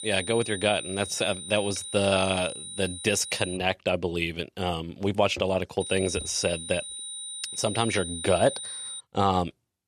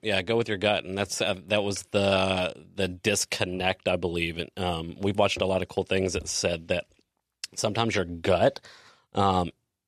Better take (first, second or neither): second